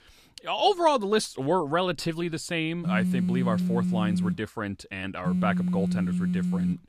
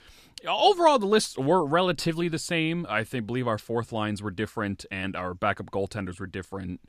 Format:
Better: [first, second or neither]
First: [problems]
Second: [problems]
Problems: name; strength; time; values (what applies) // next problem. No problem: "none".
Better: second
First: phone ringing; loud; from 3 s on; peak 3 dB above the speech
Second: none